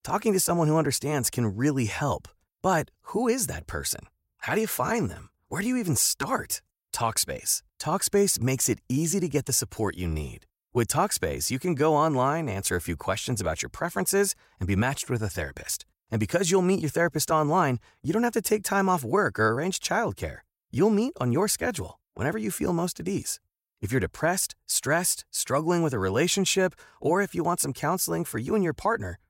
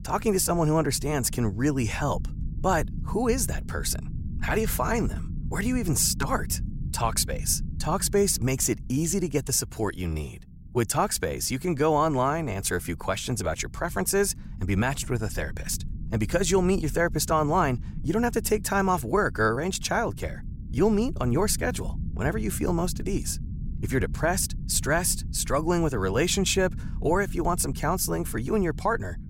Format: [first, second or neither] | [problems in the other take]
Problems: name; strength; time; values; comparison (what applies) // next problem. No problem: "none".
first | low rumble; faint; throughout; 20 dB below the speech